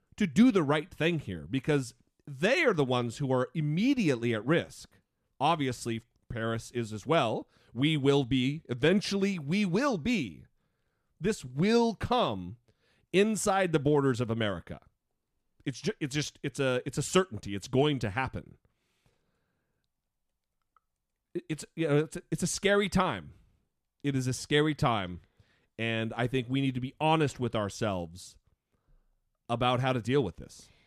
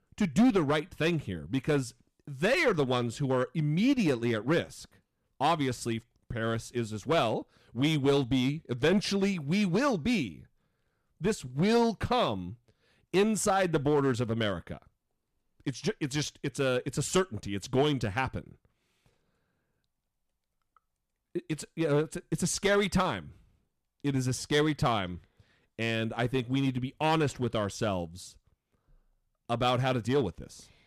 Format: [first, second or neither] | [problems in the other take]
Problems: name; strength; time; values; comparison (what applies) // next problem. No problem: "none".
first | distortion; slight; 3% of the sound clipped